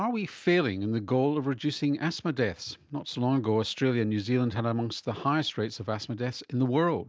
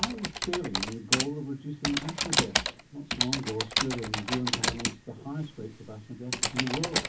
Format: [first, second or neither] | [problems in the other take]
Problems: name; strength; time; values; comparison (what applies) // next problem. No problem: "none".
first | background sound (Typing); 3 dB above the speech // room echo; dies away in 0.3 s